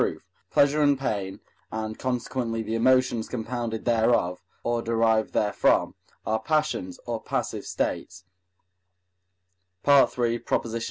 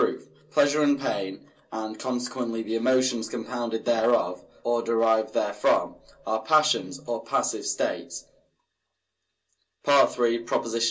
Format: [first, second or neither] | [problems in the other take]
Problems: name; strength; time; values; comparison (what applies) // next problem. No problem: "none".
first | room echo; dies away in 0.2 s